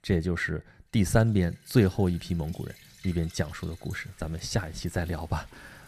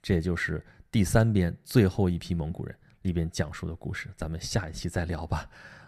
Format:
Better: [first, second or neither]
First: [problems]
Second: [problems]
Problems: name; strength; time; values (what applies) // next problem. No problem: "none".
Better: second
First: rain or running water; faint; from 1.5 s on; 25 dB below the speech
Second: none